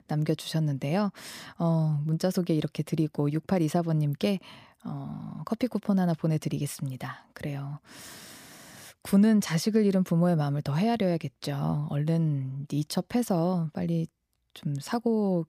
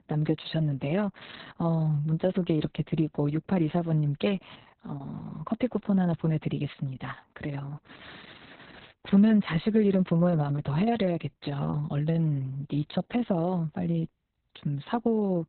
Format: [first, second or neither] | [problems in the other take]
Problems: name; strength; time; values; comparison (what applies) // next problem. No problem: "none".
first | garbled, watery; badly; nothing above 4 kHz